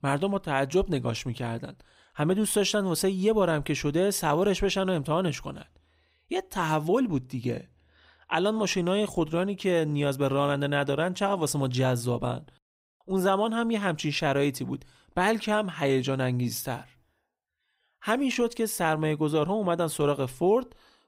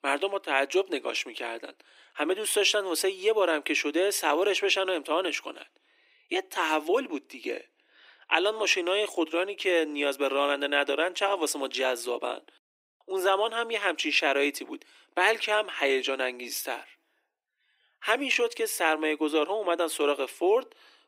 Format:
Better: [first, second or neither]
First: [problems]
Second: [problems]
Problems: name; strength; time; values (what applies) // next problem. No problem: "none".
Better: first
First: none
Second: thin; somewhat; fading below 300 Hz